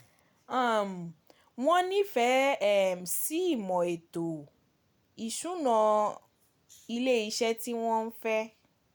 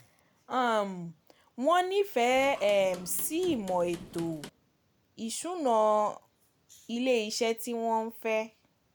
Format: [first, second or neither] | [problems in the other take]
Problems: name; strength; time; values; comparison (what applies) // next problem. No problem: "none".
first | background sound (Hammer / Wood); 17 dB below the speech